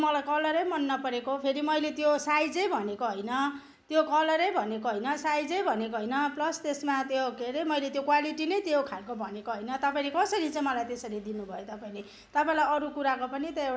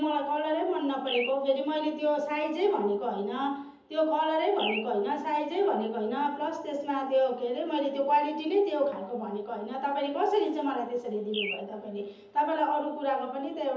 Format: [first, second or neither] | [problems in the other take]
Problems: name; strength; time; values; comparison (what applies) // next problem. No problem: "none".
first | background sound (Bird); 12 dB below the speech // room echo; dies away in 0.7 s